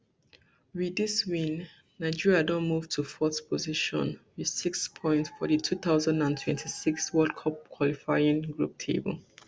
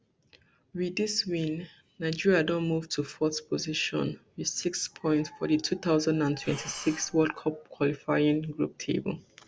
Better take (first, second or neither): first